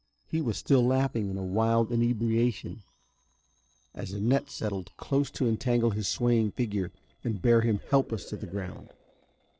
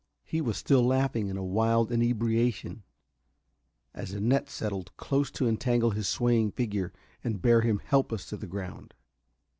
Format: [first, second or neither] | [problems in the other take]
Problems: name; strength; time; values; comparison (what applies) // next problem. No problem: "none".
second | noise reduction (neural separator model SepFormer DNS4)